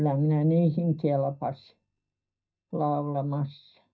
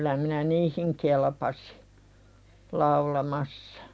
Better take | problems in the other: second | noise reduction (neural mask model DeepFilterNet 3)

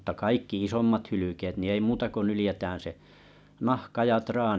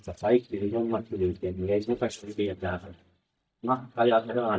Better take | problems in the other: first | noise reduction (neural mask model DeepFilterNet 3)

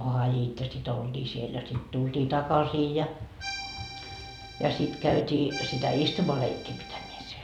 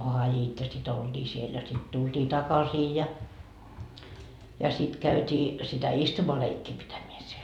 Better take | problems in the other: second | background sound (Accordion); 12 dB below the speech

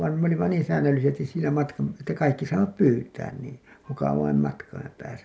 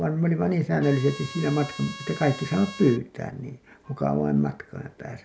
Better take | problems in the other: first | background sound (Trumpet); 15 dB below the speech

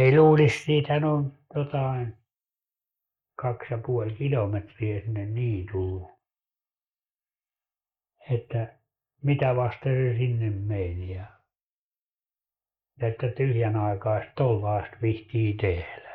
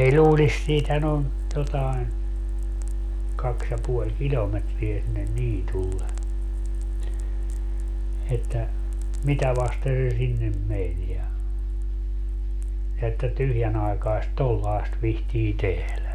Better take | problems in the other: second | noise reduction (neural mask model Resemble Enhance denoiser)

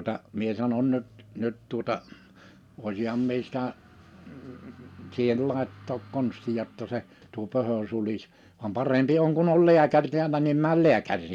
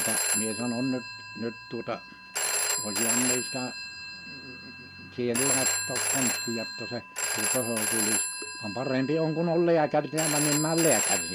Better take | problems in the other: first | background sound (Telephone); as loud as the speech

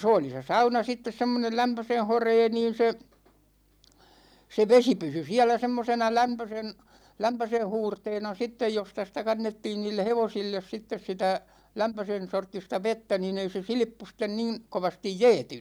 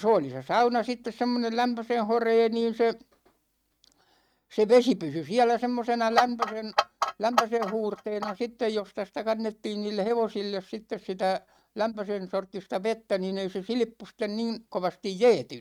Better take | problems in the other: first | noise reduction (neural mask model RNNoise)

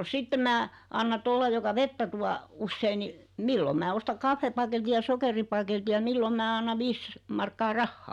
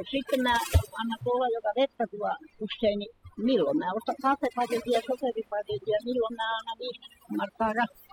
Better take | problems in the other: first | noise reduction (classical method spectral subtraction)

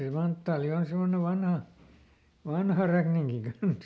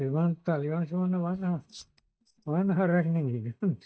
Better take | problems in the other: first | noise reduction (neural mask model DeepFilterNet 3)

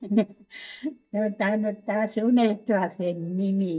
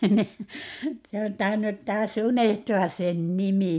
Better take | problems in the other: second | noise reduction (neural mask model DeepFilterNet 3)

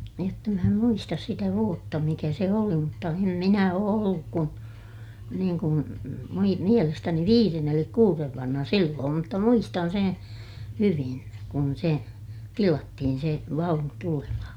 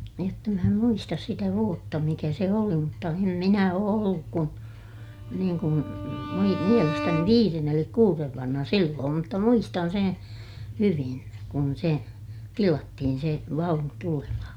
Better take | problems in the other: first | background sound (Bowed string instrument); 10 dB below the speech

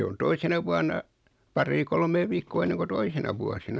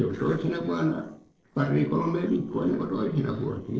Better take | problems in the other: first | noise reduction (neural separator model SepFormer DNS4)

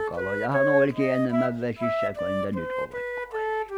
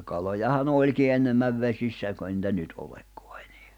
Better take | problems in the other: second | background sound (Wind instrument, woodwind instrument); 1 dB above the speech

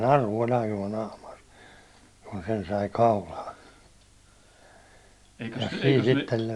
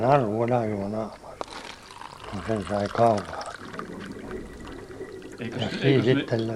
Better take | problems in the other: first | background sound (Sink (filling or washing)); 12 dB below the speech

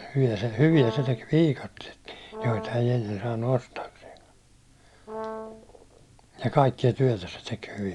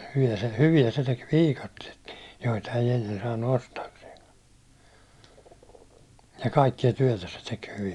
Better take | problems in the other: second | background sound (Brass instrument); 12 dB below the speech

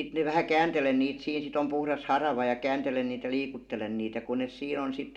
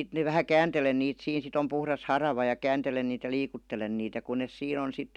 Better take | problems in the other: second | room echo; dies away in 0.6 s

